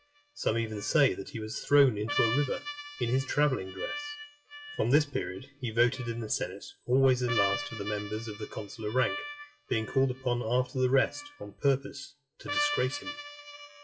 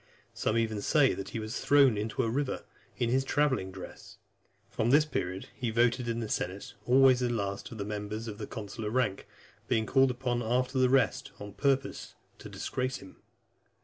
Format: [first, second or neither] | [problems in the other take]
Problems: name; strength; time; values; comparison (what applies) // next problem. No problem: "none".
second | noise reduction (classical method WPE with log-MMSE)